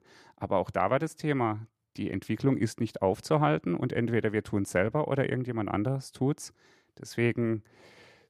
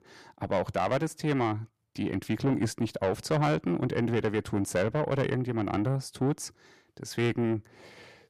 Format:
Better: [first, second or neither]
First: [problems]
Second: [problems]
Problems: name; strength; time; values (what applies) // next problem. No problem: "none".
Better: first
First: none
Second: distortion; slight; 10 dB below the speech